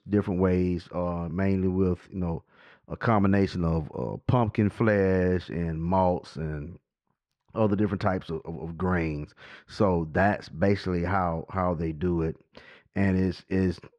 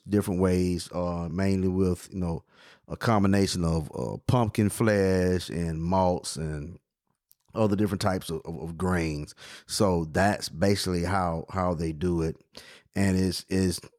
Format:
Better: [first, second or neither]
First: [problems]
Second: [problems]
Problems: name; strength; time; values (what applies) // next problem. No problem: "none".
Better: second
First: muffled; slightly; fading above 2 kHz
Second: none